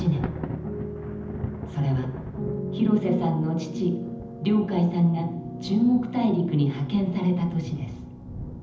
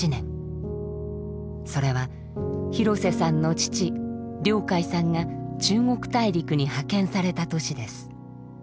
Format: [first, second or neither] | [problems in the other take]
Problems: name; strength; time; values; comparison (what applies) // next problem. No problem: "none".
second | background sound (Thunder); 14 dB below the speech // room echo; dies away in 0.8 s